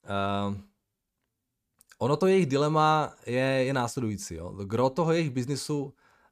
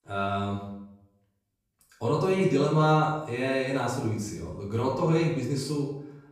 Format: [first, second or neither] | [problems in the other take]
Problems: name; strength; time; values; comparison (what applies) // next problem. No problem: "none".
first | off-mic speech; far // room echo; noticeable; dies away in 0.7 s